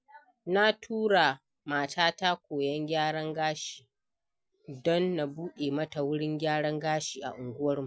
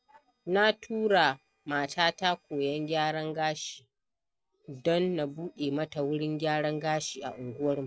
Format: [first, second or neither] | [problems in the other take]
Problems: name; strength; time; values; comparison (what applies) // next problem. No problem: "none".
first | noise reduction (neural separator model SepFormer DNS4)